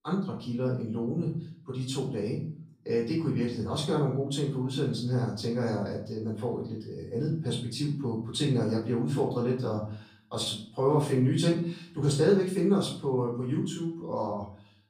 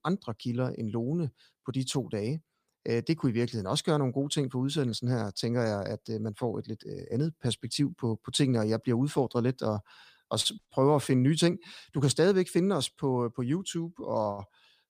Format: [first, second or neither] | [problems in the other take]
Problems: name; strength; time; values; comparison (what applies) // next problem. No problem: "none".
second | off-mic speech; far // room echo; noticeable; dies away in 0.5 s